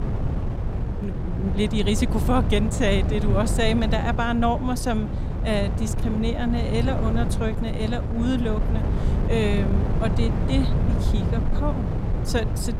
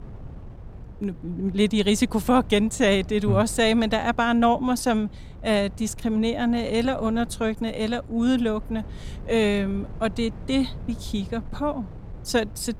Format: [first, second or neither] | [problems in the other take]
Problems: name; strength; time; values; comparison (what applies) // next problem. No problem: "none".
second | wind noise on the microphone; heavy; 7 dB below the speech; occasional gusts in the second